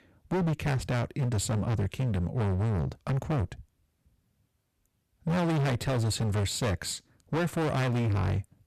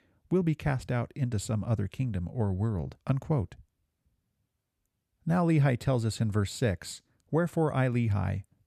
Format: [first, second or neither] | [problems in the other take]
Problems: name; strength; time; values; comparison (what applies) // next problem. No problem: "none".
second | distortion; heavy; 27% of the sound clipped